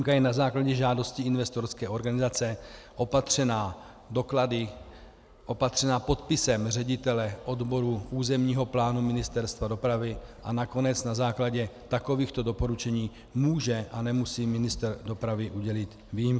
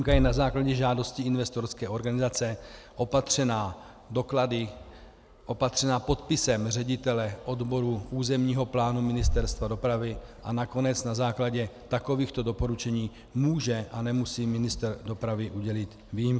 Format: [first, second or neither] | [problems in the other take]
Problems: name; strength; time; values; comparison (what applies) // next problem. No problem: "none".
first | background sound (Bass drum); 11 dB below the speech